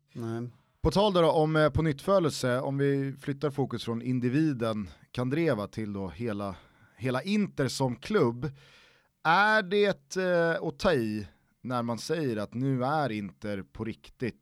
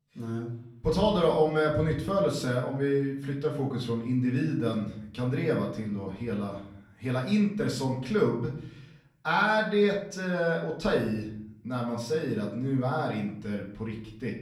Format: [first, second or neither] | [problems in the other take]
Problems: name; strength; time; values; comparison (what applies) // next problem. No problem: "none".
first | off-mic speech; far // room echo; slight; dies away in 0.6 s